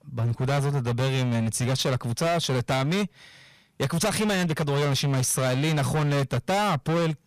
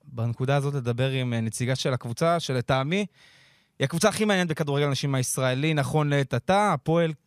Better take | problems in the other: second | distortion; heavy; 30% of the sound clipped

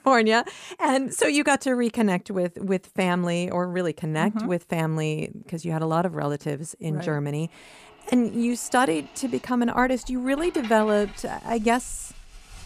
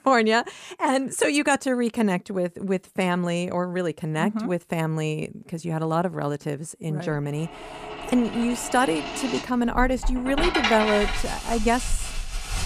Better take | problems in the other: first | household noises; loud; from 7.5 s on; 5 dB below the speech; faint in the first

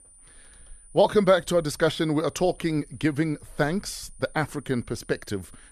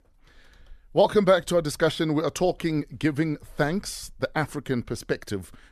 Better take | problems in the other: second | high-pitched whine; faint; throughout; 9.5 kHz, 25 dB below the speech

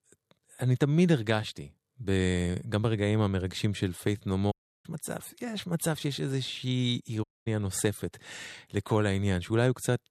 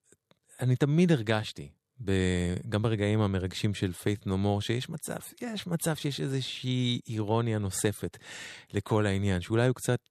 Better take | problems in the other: second | audio cutting out; at 4.5 s and at 7 s

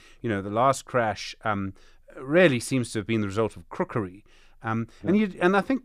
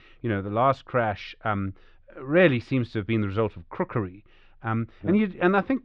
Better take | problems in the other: first | muffled; slightly; fading above 3.5 kHz

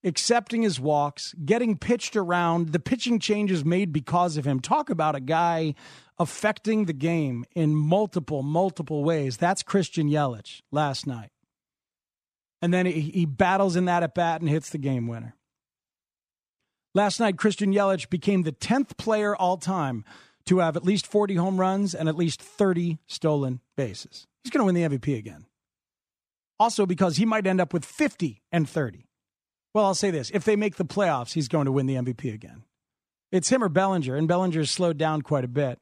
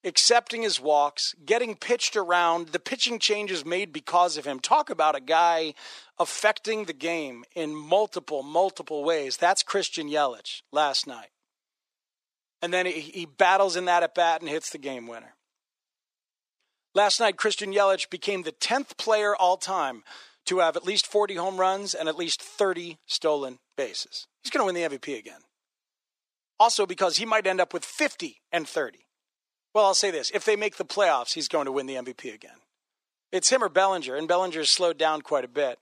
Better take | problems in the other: first | thin; very; fading below 450 Hz

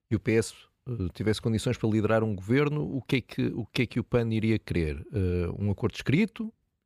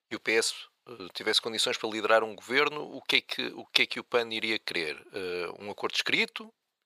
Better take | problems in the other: first | thin; very; fading below 750 Hz

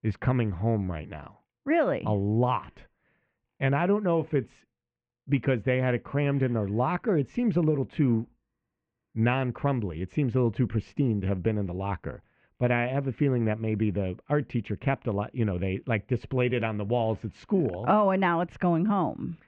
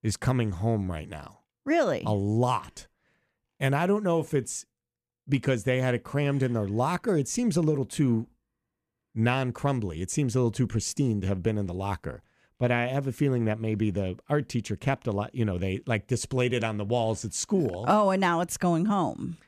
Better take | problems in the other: second | muffled; very; fading above 2.5 kHz

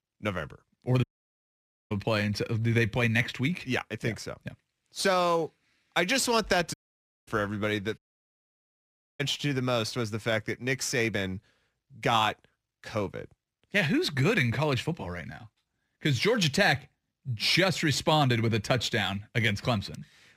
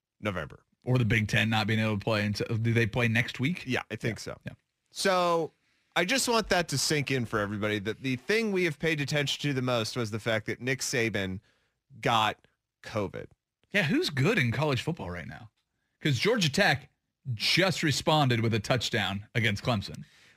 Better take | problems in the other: second | audio cutting out; at 1 s for 1 s, at 6.5 s for 0.5 s and at 8 s for 1 s

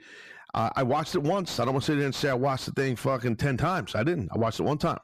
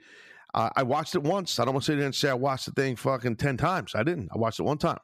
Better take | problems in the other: second | distortion; slight; 10 dB below the speech

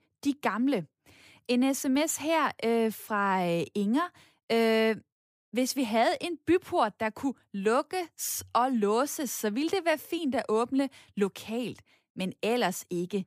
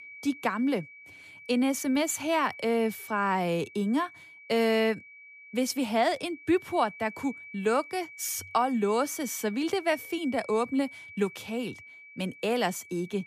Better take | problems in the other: first | high-pitched whine; noticeable; throughout; 2.5 kHz, 15 dB below the speech

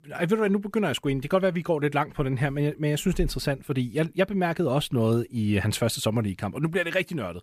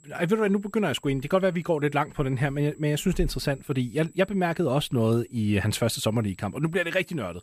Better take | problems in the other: first | high-pitched whine; faint; throughout; 7.5 kHz, 30 dB below the speech

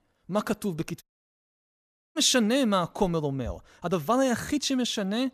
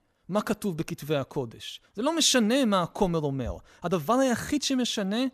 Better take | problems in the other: second | audio cutting out; at 1 s for 1 s

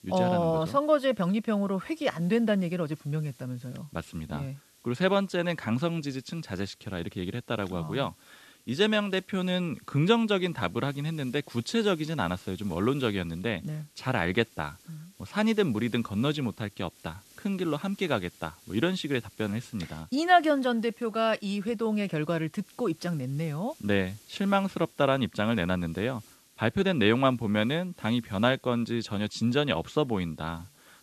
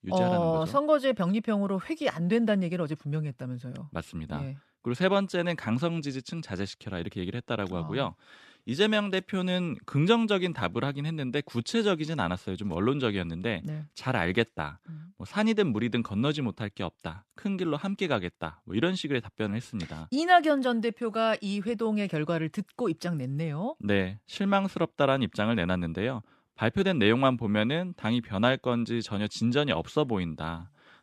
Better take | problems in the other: second | hiss; faint; throughout; 25 dB below the speech

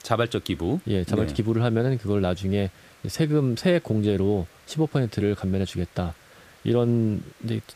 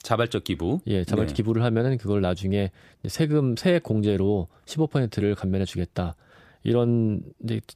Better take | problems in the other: second | hiss; faint; throughout; 25 dB below the speech

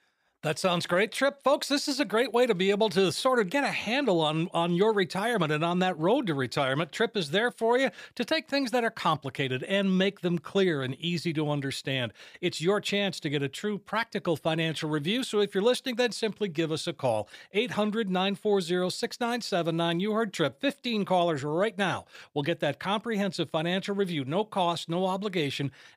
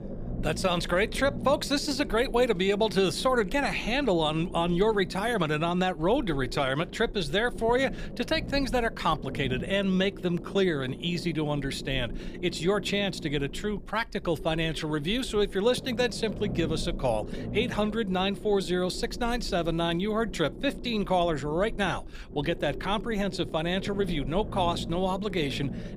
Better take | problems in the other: first | low rumble; noticeable; throughout; 15 dB below the speech

